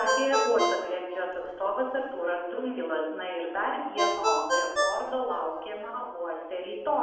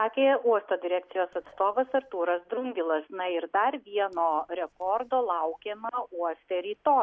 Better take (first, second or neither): second